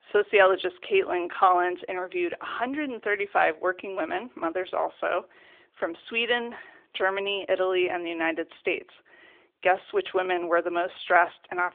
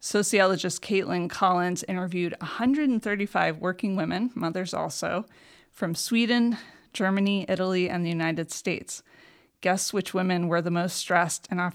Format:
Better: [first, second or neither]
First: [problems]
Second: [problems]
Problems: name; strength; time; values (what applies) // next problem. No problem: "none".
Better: second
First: phone-call audio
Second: none